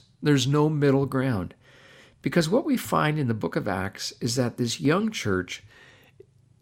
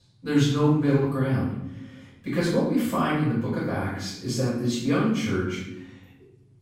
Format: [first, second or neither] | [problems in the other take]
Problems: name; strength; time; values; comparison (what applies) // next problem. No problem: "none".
first | off-mic speech; far // room echo; noticeable; dies away in 0.8 s